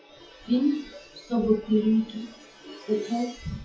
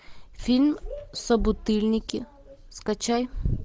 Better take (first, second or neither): second